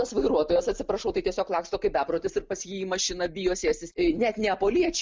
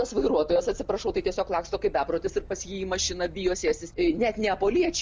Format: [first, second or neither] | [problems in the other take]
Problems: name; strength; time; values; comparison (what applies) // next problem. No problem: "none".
first | background sound (Motor vehicle (road)); 20 dB below the speech